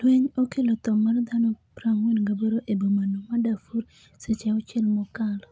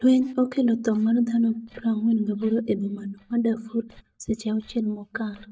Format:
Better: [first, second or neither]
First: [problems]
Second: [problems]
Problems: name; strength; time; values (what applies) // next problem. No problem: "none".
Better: first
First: none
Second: noise reduction (neural mask model DeepFilterNet 3)